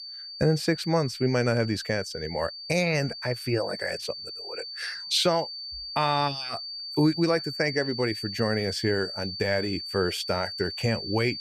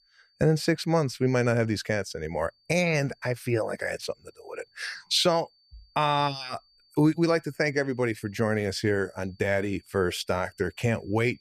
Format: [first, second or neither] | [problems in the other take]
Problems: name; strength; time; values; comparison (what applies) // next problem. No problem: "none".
second | high-pitched whine; loud; throughout; 4.5 kHz, 7 dB below the speech; faint in the second